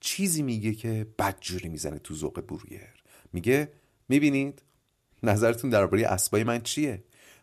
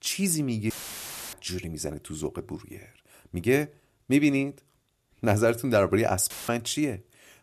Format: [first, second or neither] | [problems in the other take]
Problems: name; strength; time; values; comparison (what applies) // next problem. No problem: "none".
first | audio cutting out; filled with static; at 0.5 s for 0.5 s and at 6.5 s